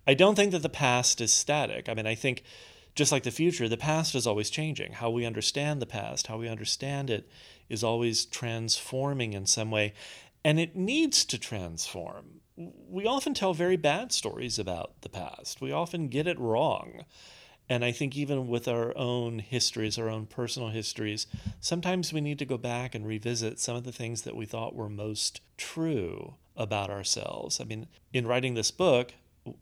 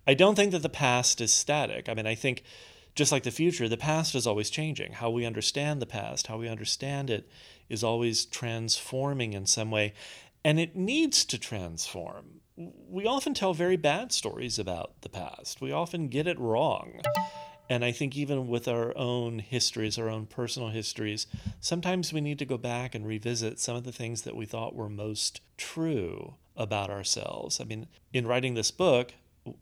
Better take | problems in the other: first | alarm; noticeable; at 17 s; peak 1 dB below the speech

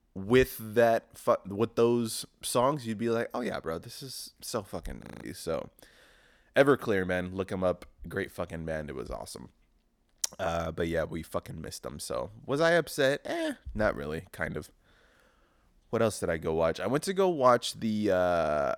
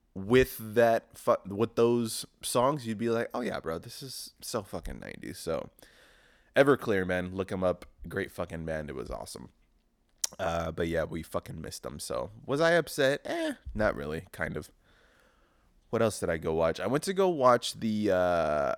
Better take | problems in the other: second | audio freezing; at 5 s

